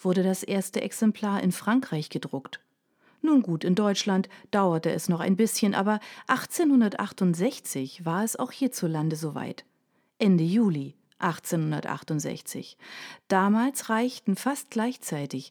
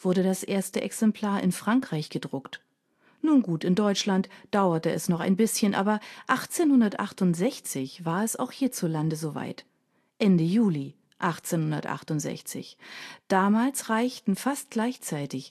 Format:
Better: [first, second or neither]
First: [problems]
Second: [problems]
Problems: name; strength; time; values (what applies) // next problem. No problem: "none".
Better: first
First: none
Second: garbled, watery; slightly; nothing above 12.5 kHz